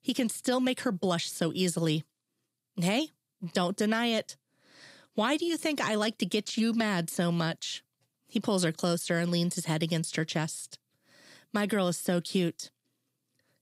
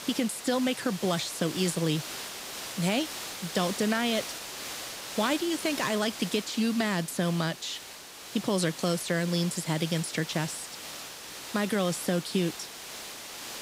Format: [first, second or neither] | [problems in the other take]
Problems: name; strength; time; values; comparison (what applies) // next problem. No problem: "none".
first | hiss; loud; throughout; 9 dB below the speech